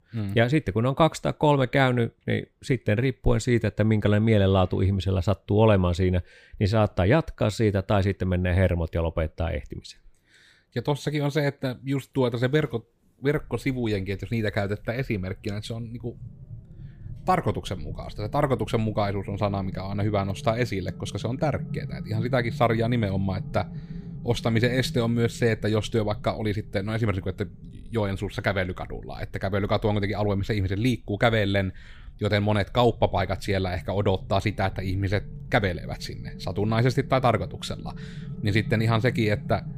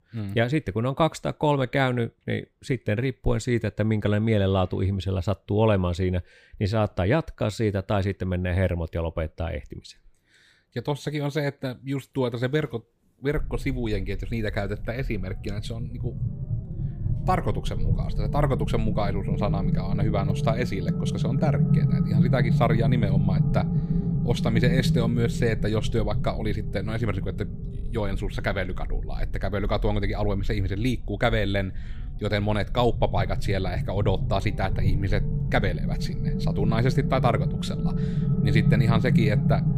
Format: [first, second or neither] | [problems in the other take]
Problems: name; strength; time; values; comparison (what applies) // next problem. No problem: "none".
first | low rumble; loud; from 13 s on; 7 dB below the speech; faint in the first